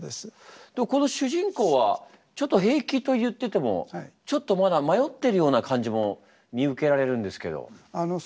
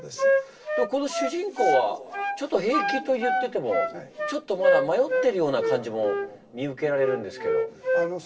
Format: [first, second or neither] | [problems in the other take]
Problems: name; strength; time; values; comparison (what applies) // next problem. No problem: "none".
first | background sound (Wind instrument, woodwind instrument); as loud as the speech // room echo; dies away in 2.9 s